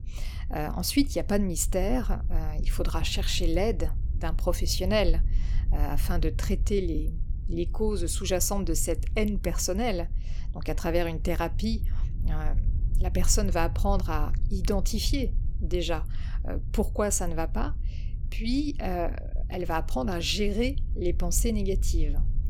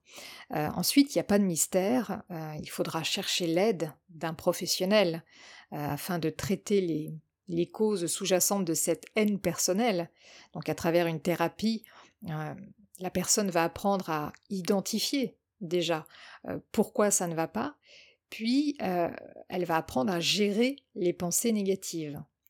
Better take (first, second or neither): second